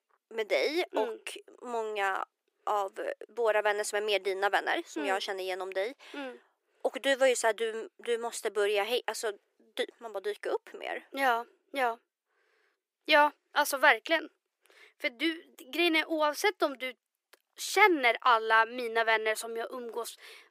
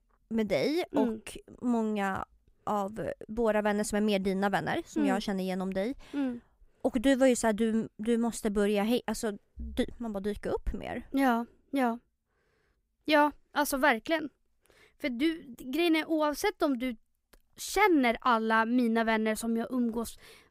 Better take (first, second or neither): second